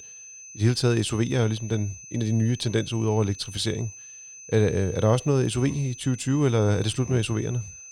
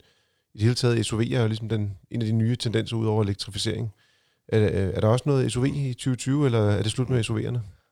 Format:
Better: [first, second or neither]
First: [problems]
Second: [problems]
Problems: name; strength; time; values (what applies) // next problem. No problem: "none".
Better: second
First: high-pitched whine; noticeable; throughout; 6 kHz, 15 dB below the speech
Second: none